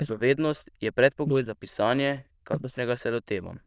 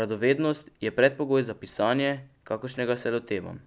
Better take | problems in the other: second | noise reduction (neural diffusion model UNIVERSE++)

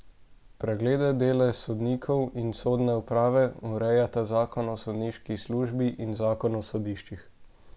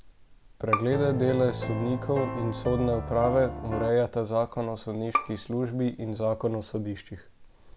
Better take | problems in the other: first | background sound (Bowed string instrument + Piano); 5 dB below the speech

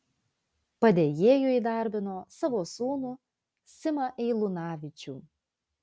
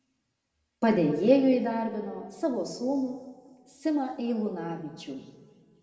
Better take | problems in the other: first | room echo; dies away in 1.5 s

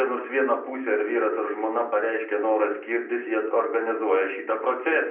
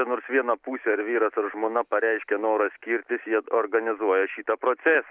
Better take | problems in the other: second | room echo; dies away in 0.6 s

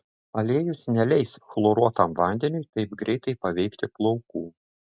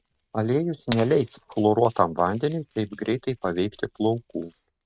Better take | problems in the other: first | noise reduction (neural mask model RNNoise)

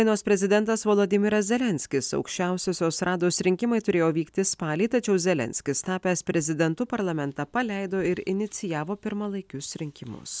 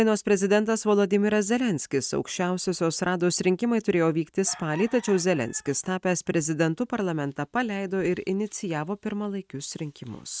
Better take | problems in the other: first | noise reduction (neural mask model RNNoise)

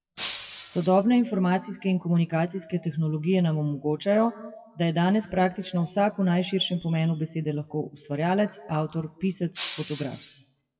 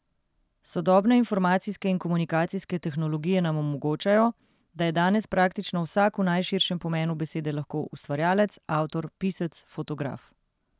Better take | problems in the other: second | noise reduction (classical method WPE with log-MMSE)

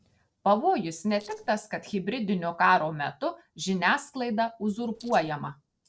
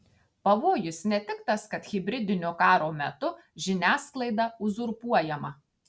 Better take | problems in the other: second | noise reduction (neural separator model SepFormer DNS4)

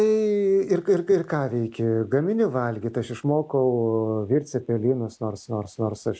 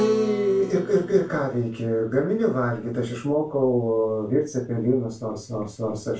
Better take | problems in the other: first | background sound (Acoustic guitar); 16 dB below the speech // room echo; dies away in 0.3 s

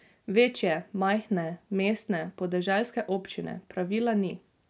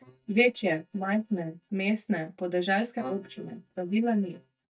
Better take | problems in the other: first | noise reduction (neural mask model DeepFilterNet 3)

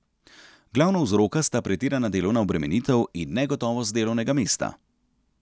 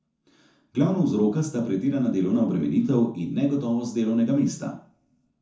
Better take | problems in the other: first | room echo; dies away in 0.7 s

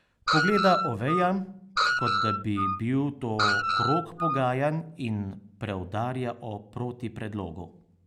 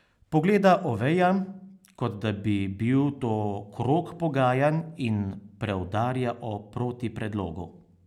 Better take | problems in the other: second | background sound (Screech); 1 dB above the speech

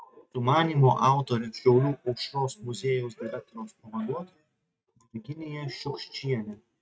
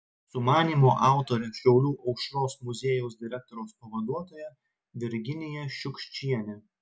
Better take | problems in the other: second | noise reduction (neural mask model RNNoise)

